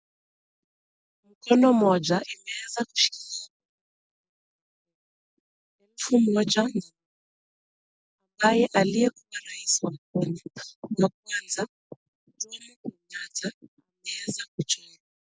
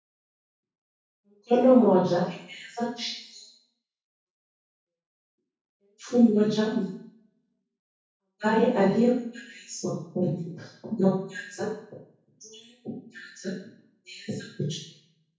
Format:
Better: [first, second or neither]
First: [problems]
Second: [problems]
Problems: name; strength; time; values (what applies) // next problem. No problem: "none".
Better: first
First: none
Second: room echo; dies away in 0.6 s